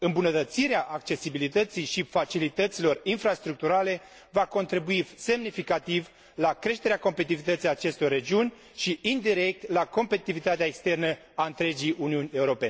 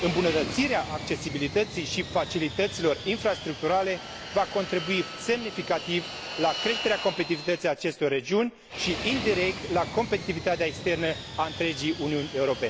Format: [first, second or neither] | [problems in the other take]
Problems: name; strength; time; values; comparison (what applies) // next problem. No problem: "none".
first | background sound (Fixed-wing aircraft, airplane); 9 dB below the speech